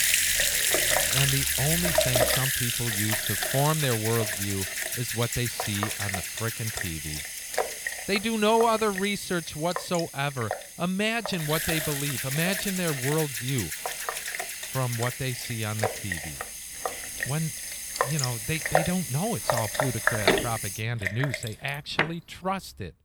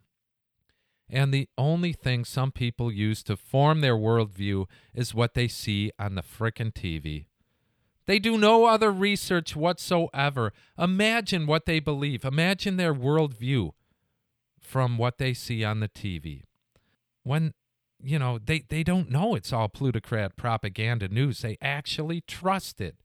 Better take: second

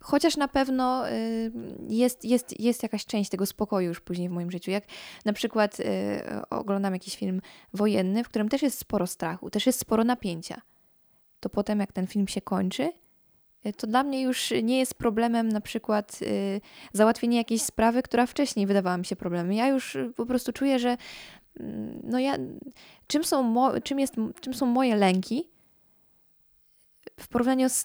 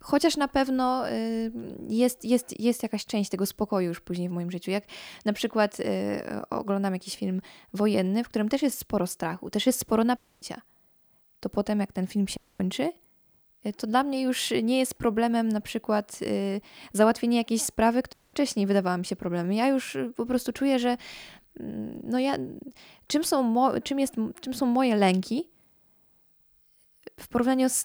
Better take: first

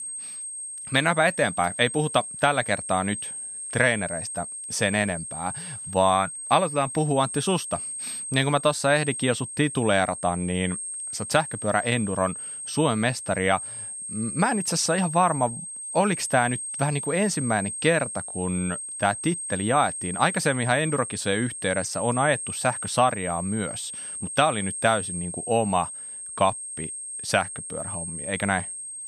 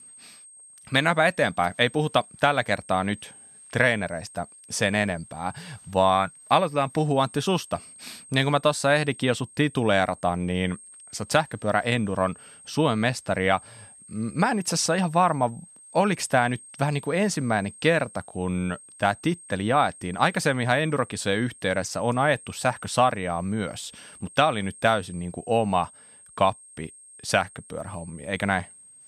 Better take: second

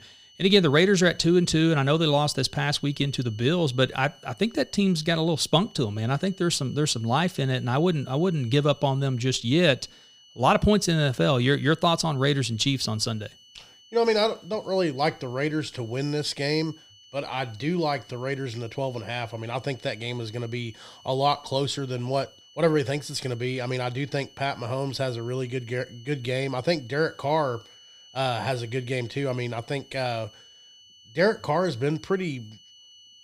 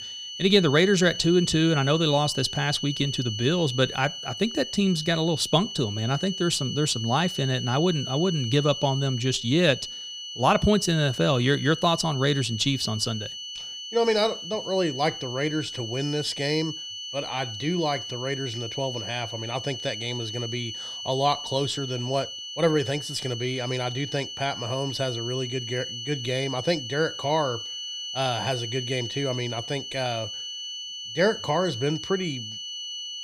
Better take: first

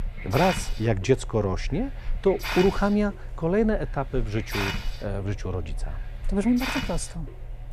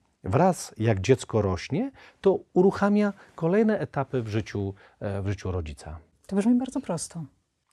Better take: second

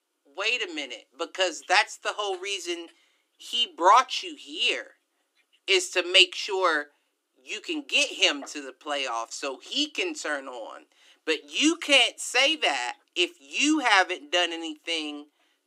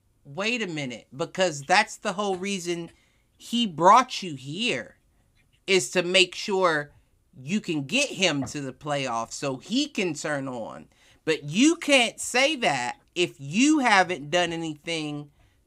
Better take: second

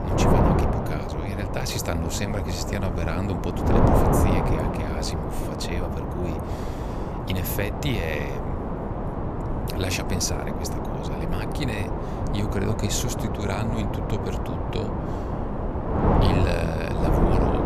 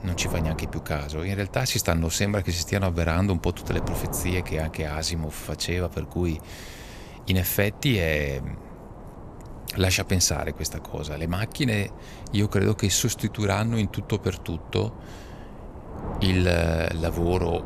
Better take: second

